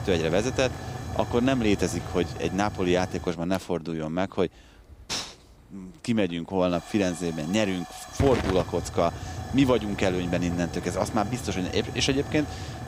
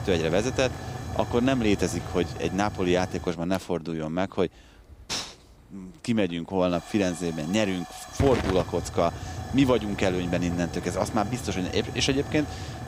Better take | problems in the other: neither | hiss; loud; throughout; 9 dB below the speech; the same in both

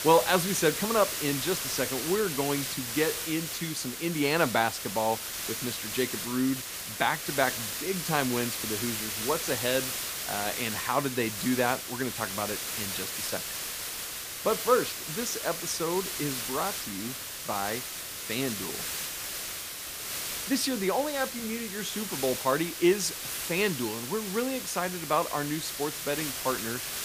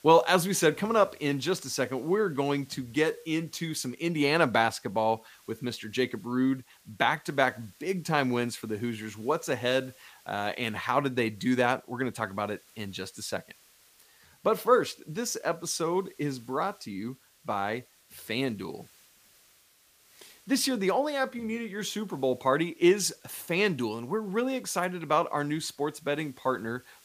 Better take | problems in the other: second | hiss; loud; throughout; 3 dB below the speech; faint in the second

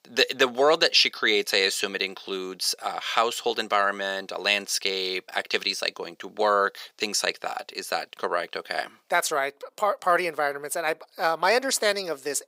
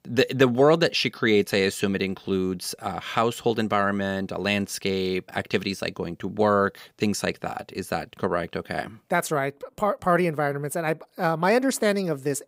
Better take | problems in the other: second | thin; somewhat; fading below 550 Hz

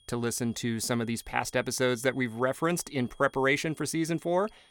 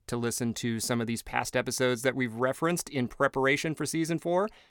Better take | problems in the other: second | high-pitched whine; faint; throughout; 3.5 kHz, 30 dB below the speech

